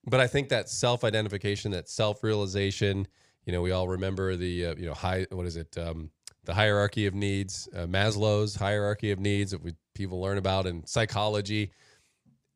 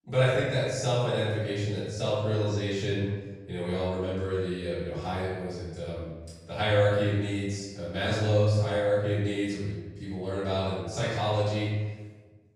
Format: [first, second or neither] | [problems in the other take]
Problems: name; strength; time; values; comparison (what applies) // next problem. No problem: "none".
first | off-mic speech; far // room echo; strong; dies away in 1.1 s